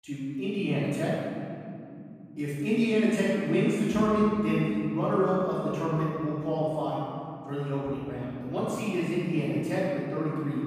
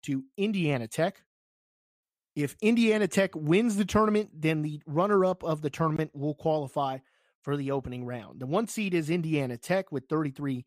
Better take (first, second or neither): second